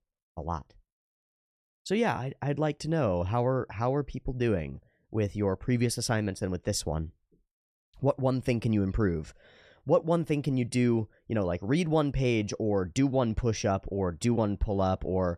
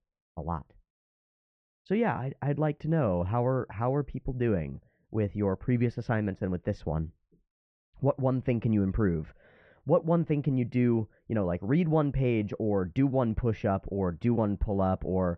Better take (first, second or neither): first